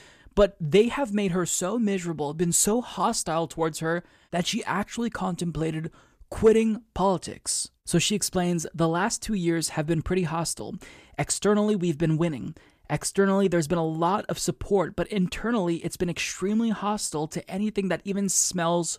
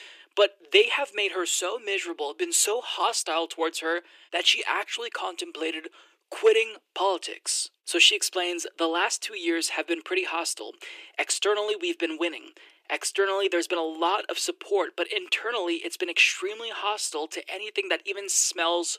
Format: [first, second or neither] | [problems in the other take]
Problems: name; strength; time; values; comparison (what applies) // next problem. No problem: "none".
first | thin; very; fading below 350 Hz